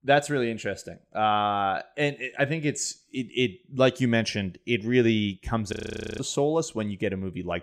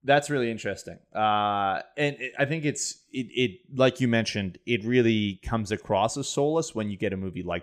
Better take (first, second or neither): second